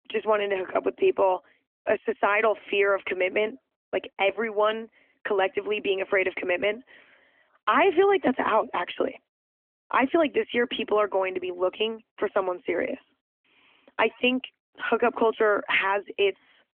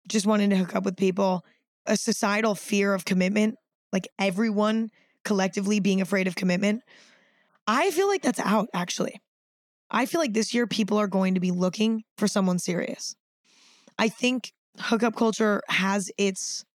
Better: second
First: phone-call audio; nothing above 3 kHz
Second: none

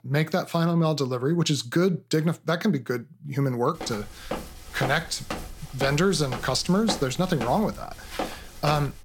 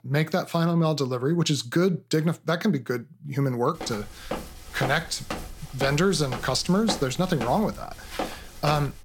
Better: neither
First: footsteps; noticeable; from 4 s on; peak 8 dB below the speech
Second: footsteps; noticeable; from 4 s on; peak 8 dB below the speech

